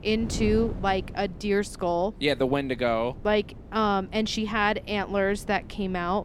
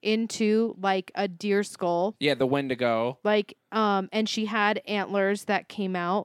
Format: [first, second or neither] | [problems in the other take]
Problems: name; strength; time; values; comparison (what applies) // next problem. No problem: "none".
second | wind noise on the microphone; occasional gusts; 20 dB below the speech